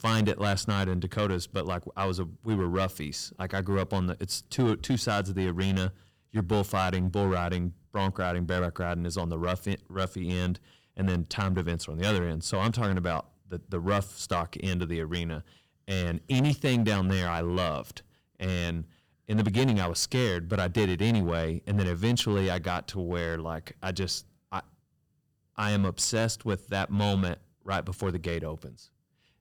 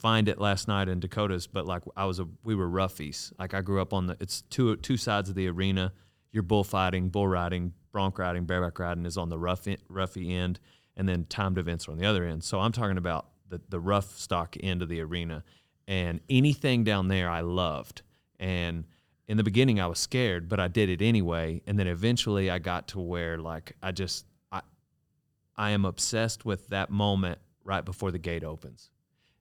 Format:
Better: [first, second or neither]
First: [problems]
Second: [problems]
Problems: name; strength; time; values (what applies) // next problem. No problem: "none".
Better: second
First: distortion; slight; 4% of the sound clipped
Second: none